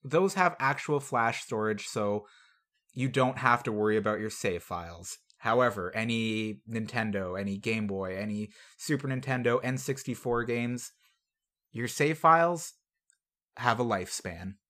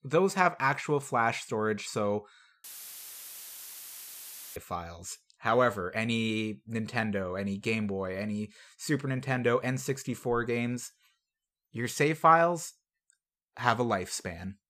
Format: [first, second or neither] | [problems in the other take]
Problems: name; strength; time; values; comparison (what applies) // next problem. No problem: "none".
first | audio cutting out; filled with static; at 2.5 s for 2 s